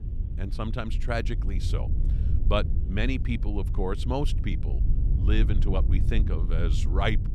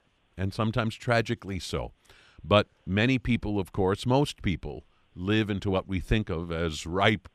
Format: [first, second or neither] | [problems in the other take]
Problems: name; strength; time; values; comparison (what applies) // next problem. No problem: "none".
second | low rumble; noticeable; throughout; 10 dB below the speech